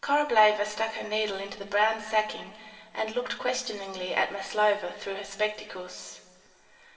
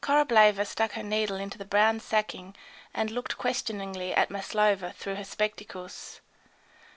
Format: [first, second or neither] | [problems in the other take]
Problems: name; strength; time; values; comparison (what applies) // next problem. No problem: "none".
second | room echo; dies away in 2.1 s